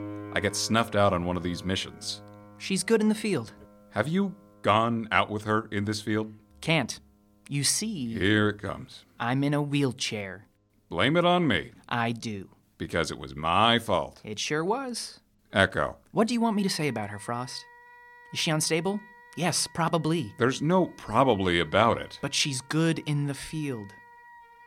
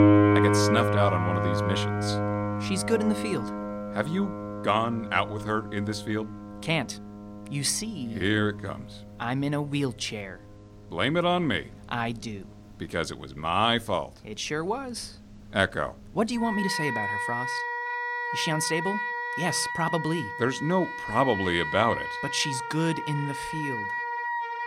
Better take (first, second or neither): first